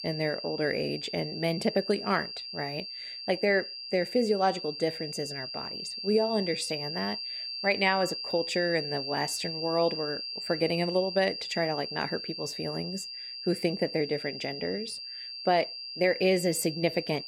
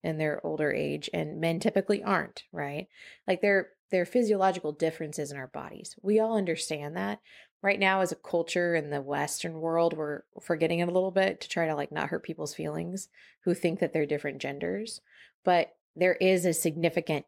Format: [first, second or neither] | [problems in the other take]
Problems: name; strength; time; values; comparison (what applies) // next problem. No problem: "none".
second | high-pitched whine; loud; throughout; 4.5 kHz, 6 dB below the speech